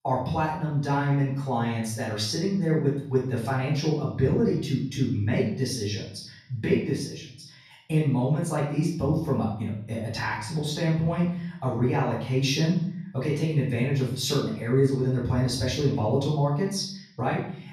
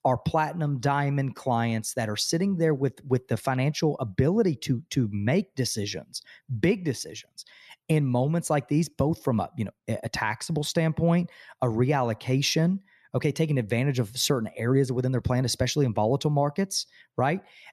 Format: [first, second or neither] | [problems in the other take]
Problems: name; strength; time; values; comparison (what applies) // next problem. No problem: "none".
second | room echo; noticeable; dies away in 0.6 s // off-mic speech; far